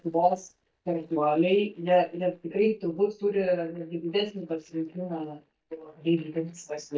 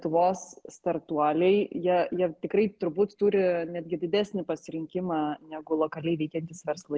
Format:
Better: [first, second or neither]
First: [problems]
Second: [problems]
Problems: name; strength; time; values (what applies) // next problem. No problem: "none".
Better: second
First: noise reduction (neural mask model DeepFilterNet 3)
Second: none